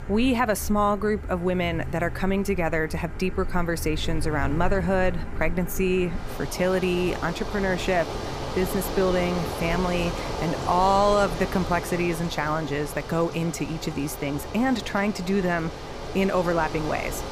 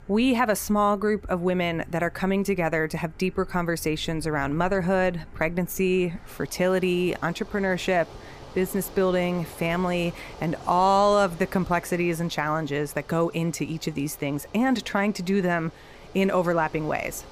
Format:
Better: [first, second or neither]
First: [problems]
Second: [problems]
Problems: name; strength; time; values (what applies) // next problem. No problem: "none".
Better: second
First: traffic noise; loud; throughout; 8 dB below the speech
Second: traffic noise; faint; throughout; 20 dB below the speech